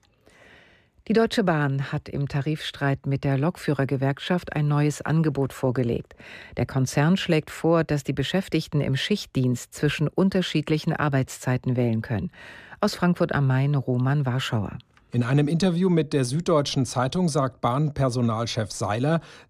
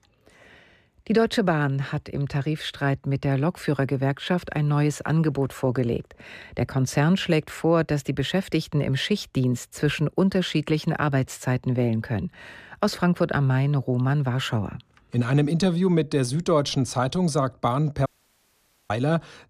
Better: first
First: none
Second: audio cutting out; at 18 s for 1 s

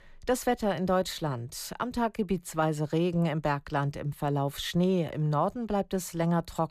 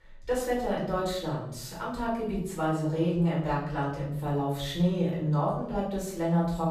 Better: first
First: none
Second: off-mic speech; far // room echo; noticeable; dies away in 0.6 s

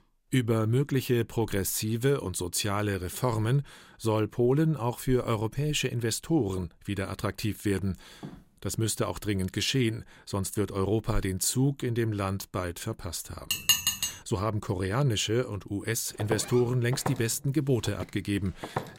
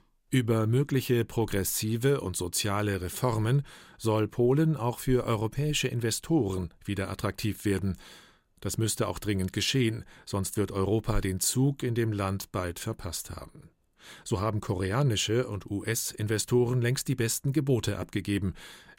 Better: second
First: footsteps; faint; at 8 s; peak 15 dB below the speech // clattering dishes; loud; at 14 s; peak 6 dB above the speech // footsteps; noticeable; from 16 s on; peak 7 dB below the speech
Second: none

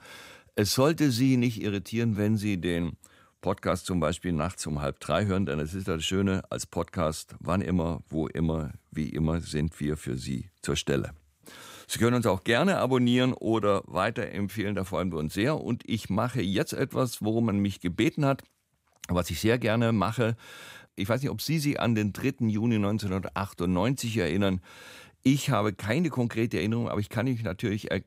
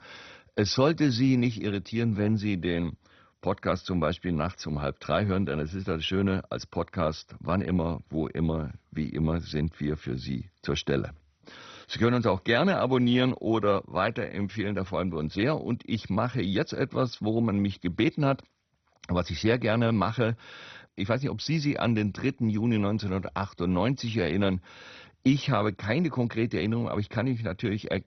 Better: first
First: none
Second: garbled, watery; badly; nothing above 6 kHz

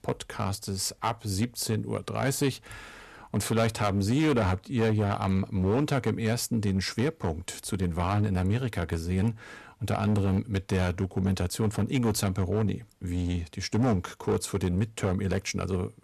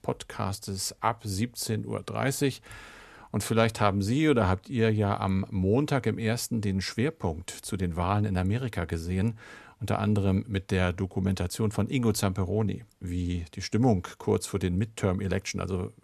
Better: second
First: distortion; slight; 8% of the sound clipped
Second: none

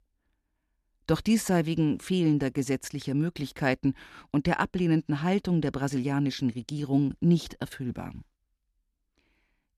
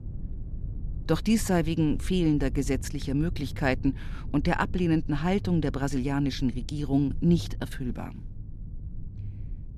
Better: first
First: none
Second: low rumble; faint; throughout; 20 dB below the speech

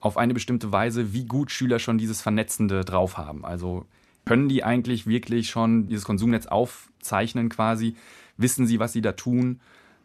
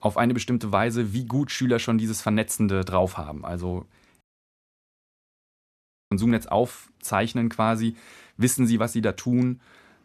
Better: first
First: none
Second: audio cutting out; at 4 s for 2 s

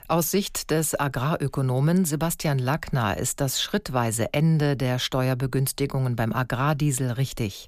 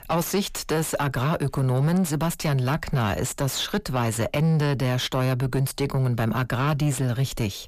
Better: first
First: none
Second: distortion; slight; 10 dB below the speech

